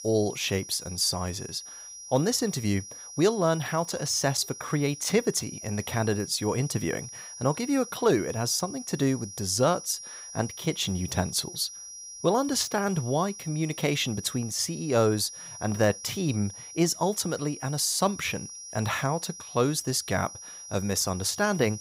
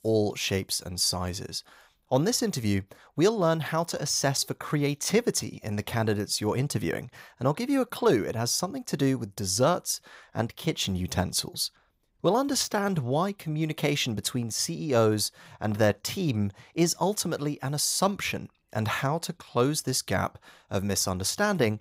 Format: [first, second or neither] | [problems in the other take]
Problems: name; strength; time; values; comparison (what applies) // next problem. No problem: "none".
second | high-pitched whine; noticeable; throughout; 5.5 kHz, 10 dB below the speech